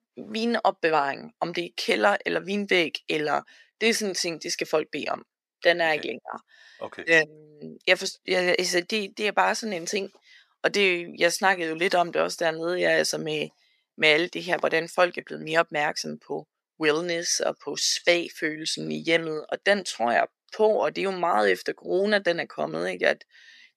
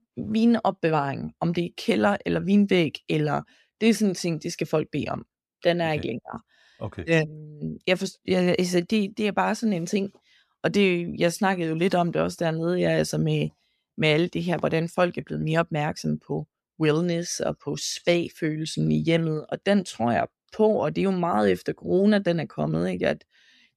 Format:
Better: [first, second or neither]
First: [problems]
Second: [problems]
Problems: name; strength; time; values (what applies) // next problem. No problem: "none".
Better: second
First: thin; somewhat; fading below 450 Hz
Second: none